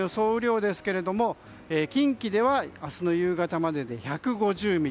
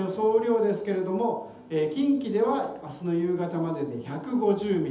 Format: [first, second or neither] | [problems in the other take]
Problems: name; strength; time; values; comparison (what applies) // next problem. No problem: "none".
first | room echo; dies away in 0.8 s